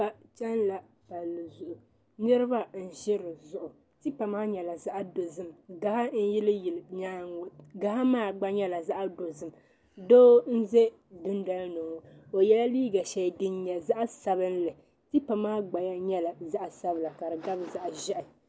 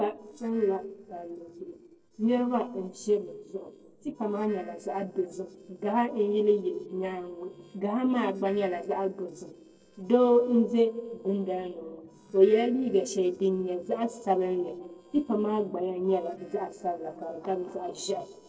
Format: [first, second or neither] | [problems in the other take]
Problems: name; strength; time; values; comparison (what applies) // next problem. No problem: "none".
first | noise reduction (neural separator model SepFormer DNS4)